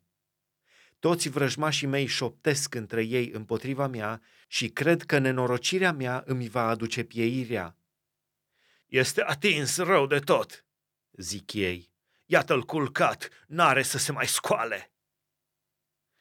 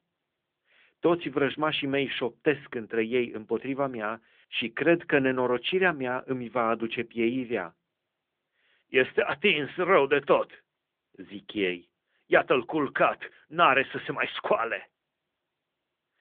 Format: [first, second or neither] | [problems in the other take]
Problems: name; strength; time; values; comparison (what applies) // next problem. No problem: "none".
first | phone-call audio; nothing above 3.5 kHz